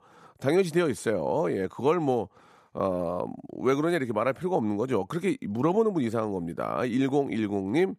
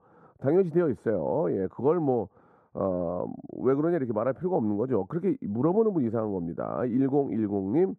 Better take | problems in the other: first | muffled; very; fading above 1.5 kHz

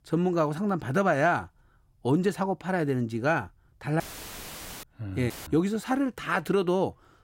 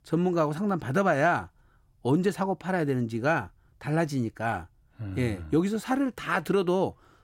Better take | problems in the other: second | audio cutting out; filled with static; at 4 s for 1 s and at 5.5 s

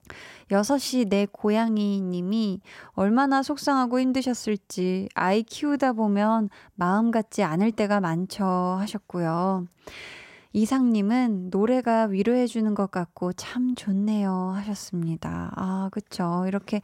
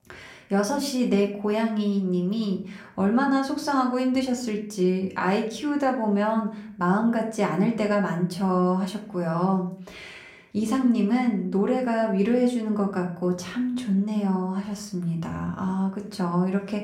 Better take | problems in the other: first | room echo; slight; dies away in 0.4 s // off-mic speech; somewhat distant

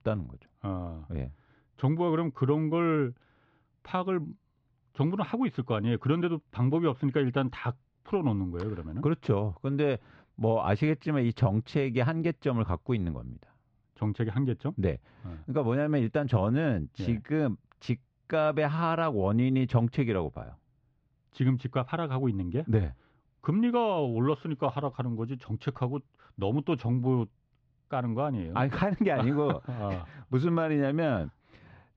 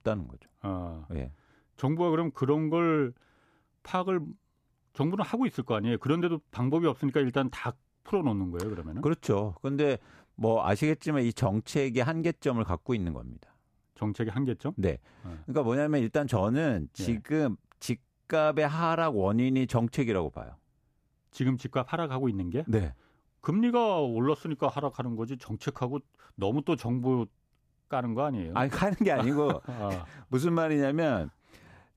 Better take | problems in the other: second | muffled; very slightly; fading above 4.5 kHz

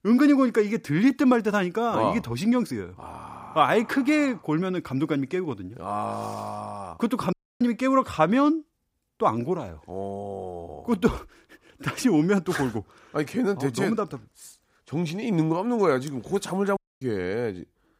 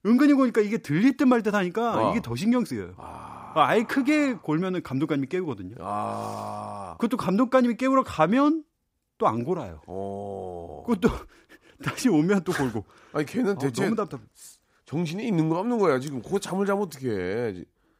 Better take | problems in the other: second | audio cutting out; at 7.5 s and at 17 s

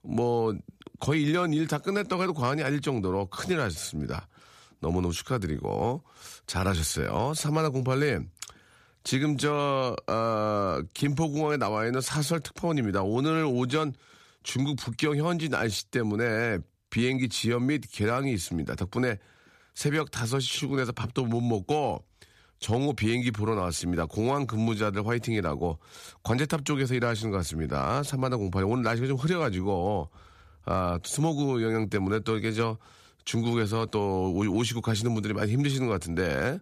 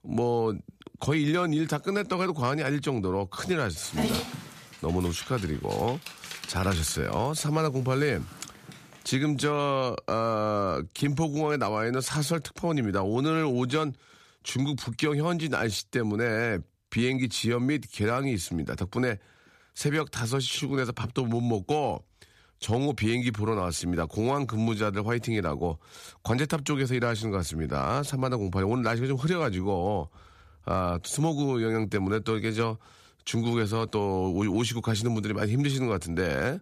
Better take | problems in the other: first | dog barking; noticeable; from 4 to 8.5 s; peak 1 dB below the speech

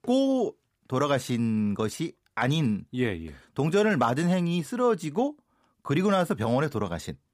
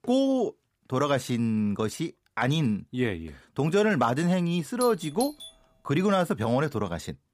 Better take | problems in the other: first | doorbell; faint; at 5 s; peak 10 dB below the speech

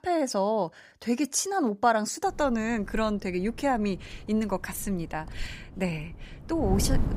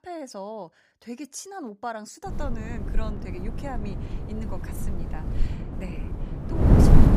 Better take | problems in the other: first | wind noise on the microphone; heavy; from 2.5 s on; 3 dB above the speech; occasional gusts in the first

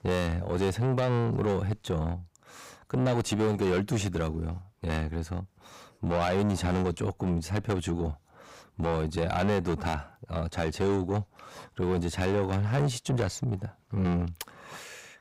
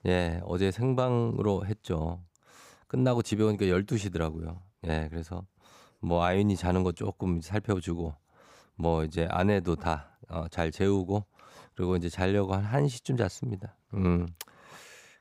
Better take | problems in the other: second | distortion; heavy; 7 dB below the speech

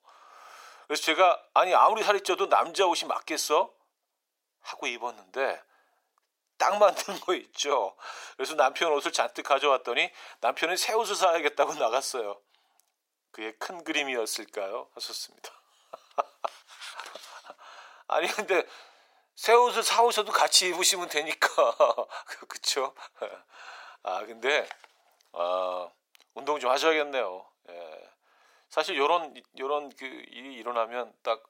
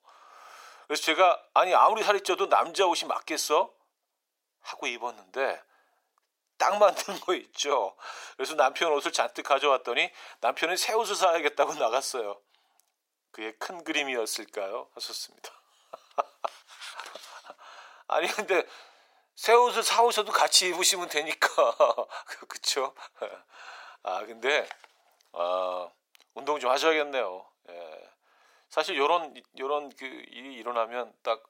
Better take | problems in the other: neither | thin; very; fading below 450 Hz; the same in both

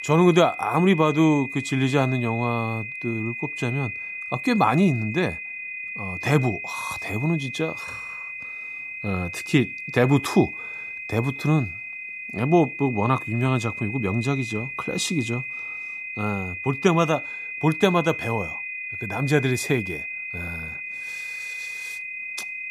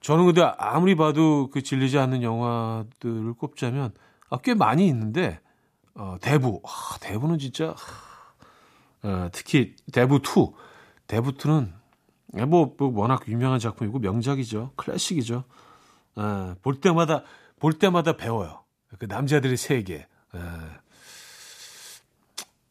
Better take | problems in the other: second | high-pitched whine; loud; throughout; 2.5 kHz, 7 dB below the speech

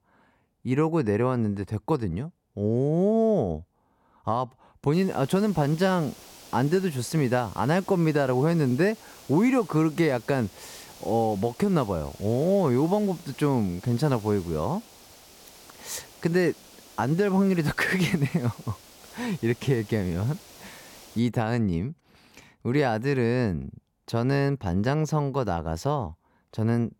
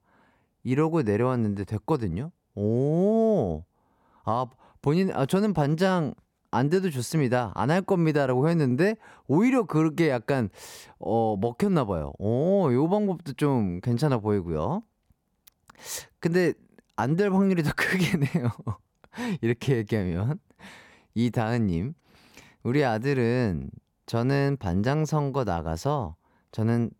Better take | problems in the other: second | hiss; faint; from 5 to 21 s; 20 dB below the speech

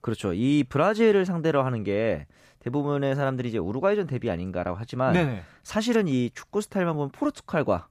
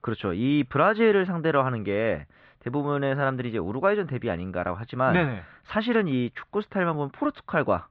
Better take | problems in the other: first | muffled; very; fading above 3.5 kHz

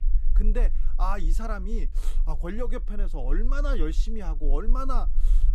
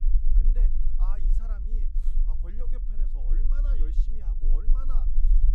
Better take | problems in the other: first | low rumble; loud; throughout; 3 dB below the speech; faint in the first

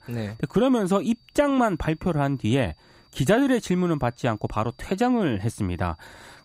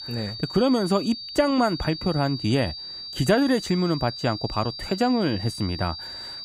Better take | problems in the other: first | high-pitched whine; loud; throughout; 4.5 kHz, 9 dB below the speech; faint in the first

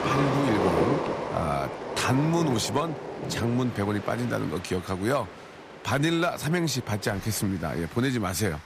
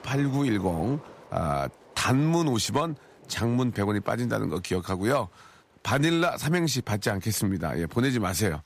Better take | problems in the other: second | train or aircraft noise; loud; throughout; 4 dB below the speech; faint in the second

